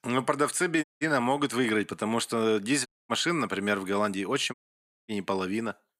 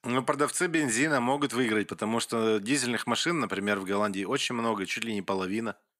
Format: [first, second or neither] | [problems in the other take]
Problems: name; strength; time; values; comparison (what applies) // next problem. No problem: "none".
second | audio cutting out; at 1 s, at 3 s and at 4.5 s for 0.5 s